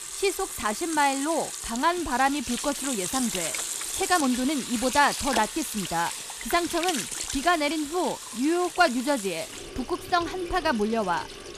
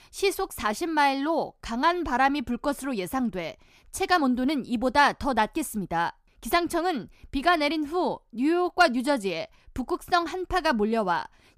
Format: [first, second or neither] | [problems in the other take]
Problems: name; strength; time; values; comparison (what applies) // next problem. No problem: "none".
second | household noises; loud; throughout; 6 dB below the speech